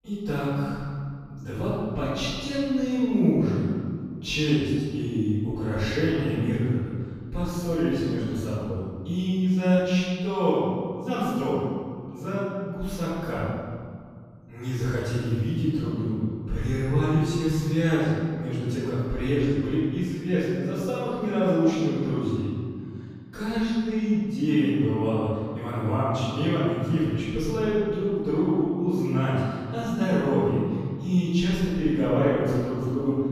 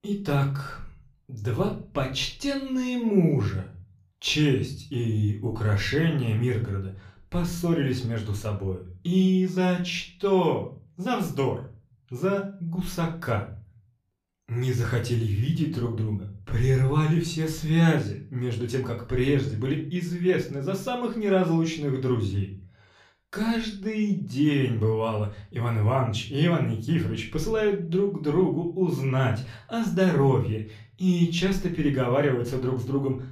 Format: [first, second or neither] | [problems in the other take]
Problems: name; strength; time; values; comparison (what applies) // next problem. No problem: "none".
second | room echo; strong; dies away in 2.1 s; slight in the second // off-mic speech; far; far in the second